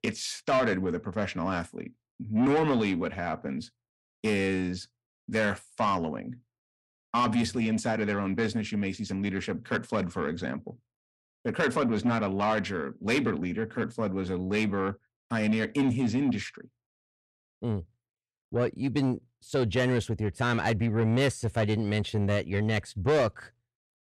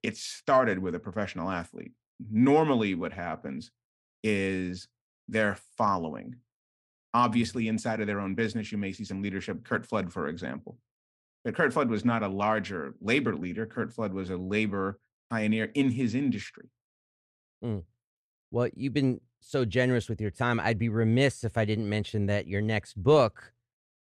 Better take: second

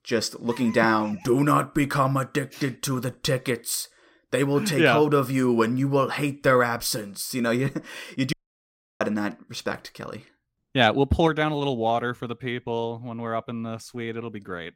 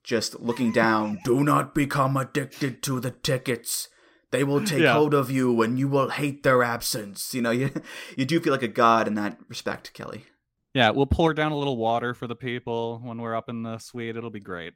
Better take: second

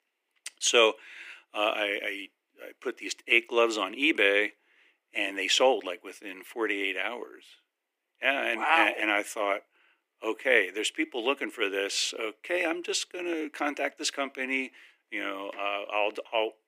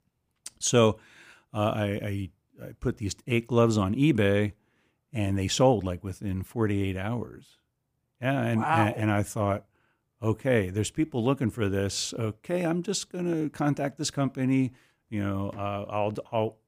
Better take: second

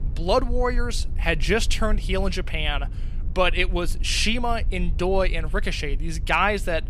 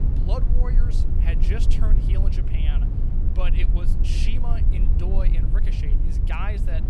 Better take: first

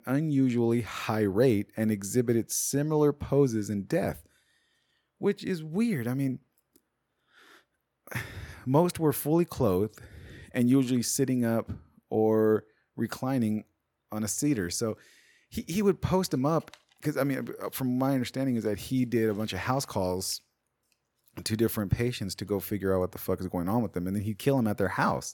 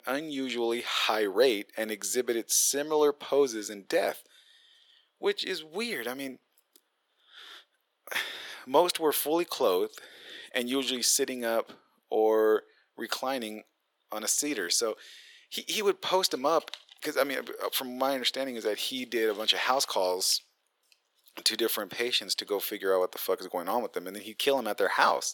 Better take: first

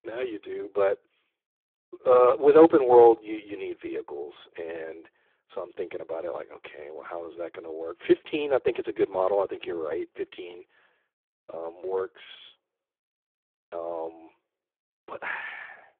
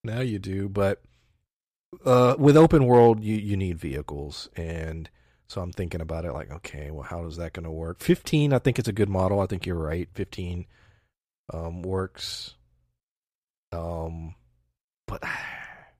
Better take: second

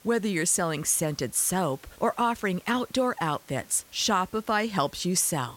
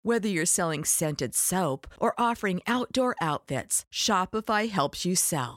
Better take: second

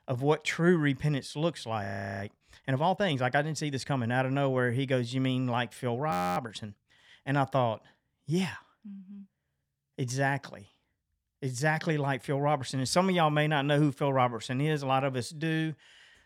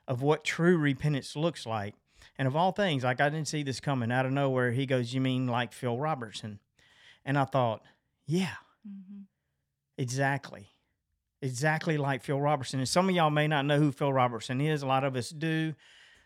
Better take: second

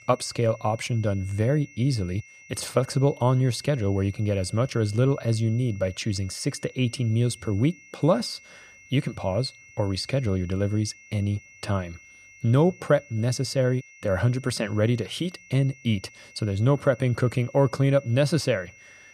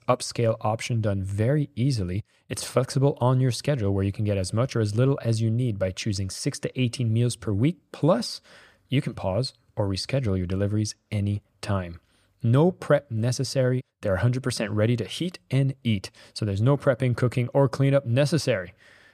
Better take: second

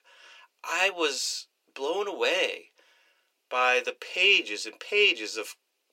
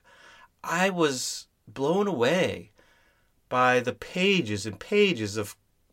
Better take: second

